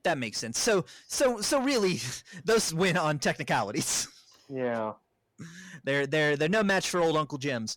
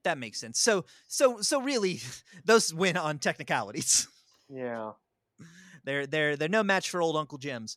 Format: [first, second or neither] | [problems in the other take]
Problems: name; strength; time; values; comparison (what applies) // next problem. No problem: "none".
second | distortion; heavy; 6 dB below the speech